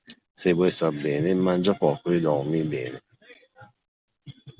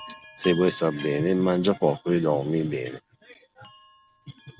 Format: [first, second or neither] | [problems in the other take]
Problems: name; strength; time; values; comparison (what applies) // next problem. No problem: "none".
first | background sound (Chime); 20 dB below the speech